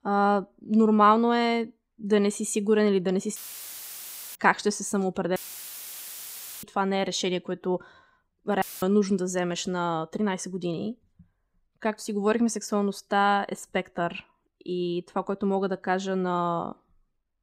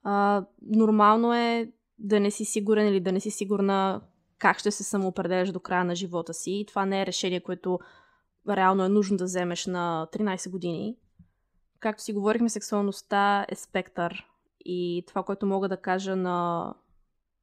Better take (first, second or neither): second